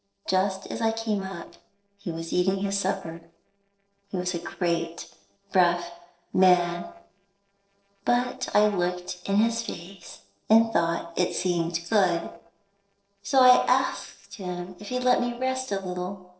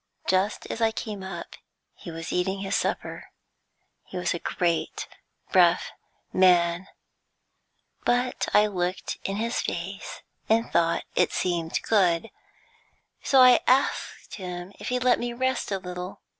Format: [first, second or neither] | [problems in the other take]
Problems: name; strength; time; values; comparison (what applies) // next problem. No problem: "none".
second | noise reduction (neural separator model SepFormer DNS4)